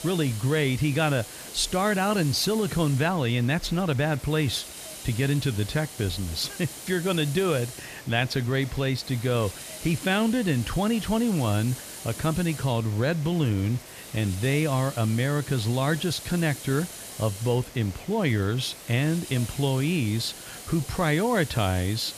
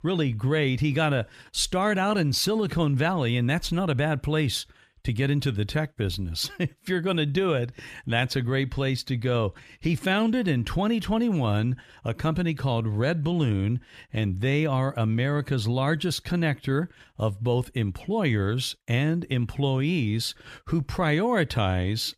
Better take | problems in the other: second | hiss; noticeable; throughout; 15 dB below the speech

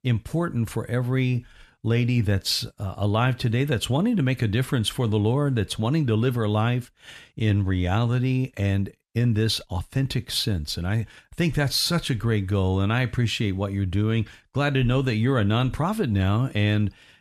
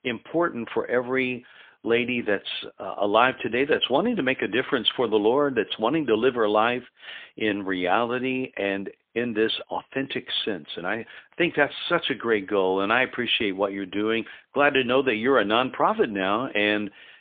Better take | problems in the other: first | phone-call audio; poor line

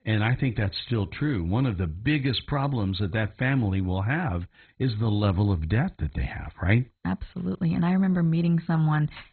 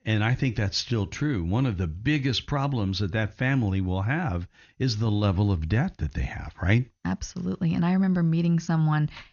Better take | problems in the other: second | garbled, watery; badly; nothing above 4 kHz; slightly in the second

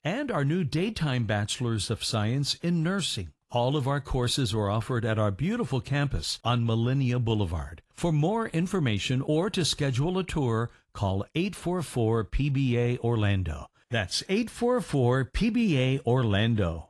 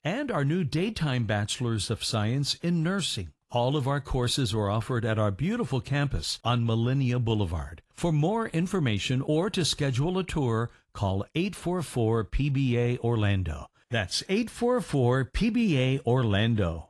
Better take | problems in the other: neither | garbled, watery; slightly; nothing above 11 kHz; the same in both

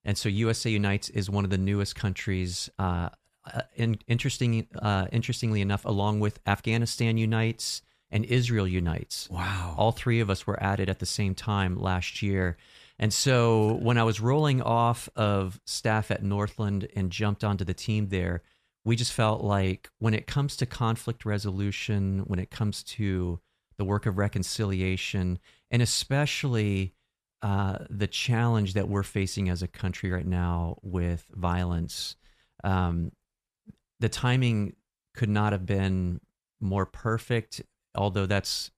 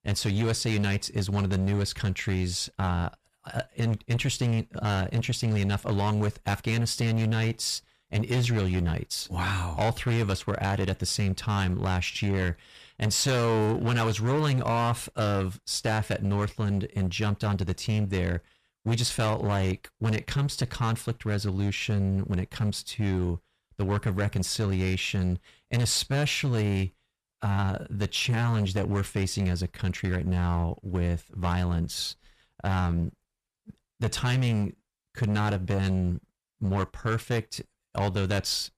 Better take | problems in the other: first | distortion; slight; 12% of the sound clipped

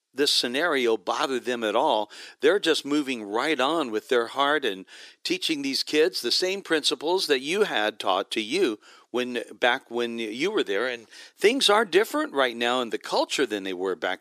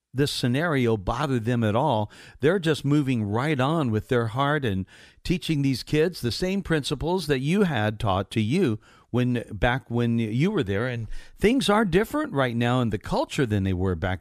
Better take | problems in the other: second | thin; somewhat; fading below 350 Hz

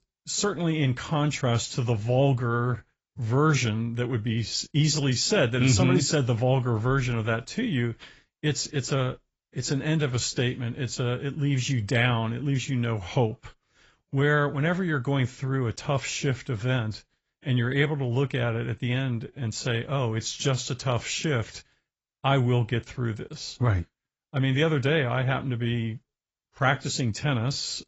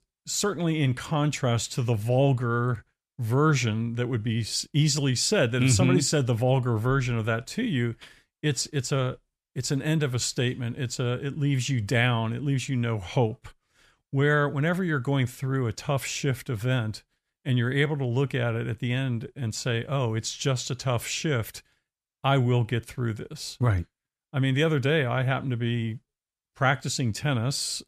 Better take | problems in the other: second | garbled, watery; badly; nothing above 7.5 kHz

